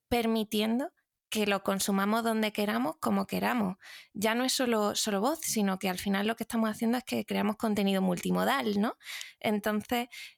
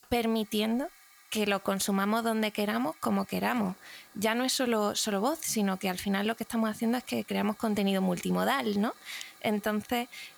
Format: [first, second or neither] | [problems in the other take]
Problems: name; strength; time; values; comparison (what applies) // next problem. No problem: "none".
first | hiss; faint; throughout; 25 dB below the speech